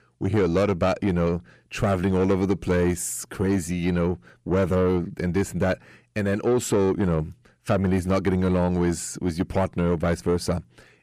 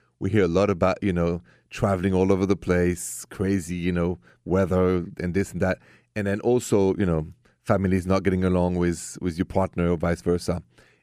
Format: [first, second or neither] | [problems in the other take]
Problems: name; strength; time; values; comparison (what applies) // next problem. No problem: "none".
second | distortion; slight; 10 dB below the speech